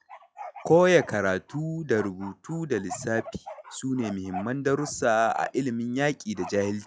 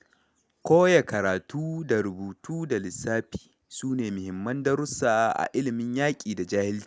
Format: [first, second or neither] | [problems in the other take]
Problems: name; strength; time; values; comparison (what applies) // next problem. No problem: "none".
second | noise reduction (classical method log-MMSE)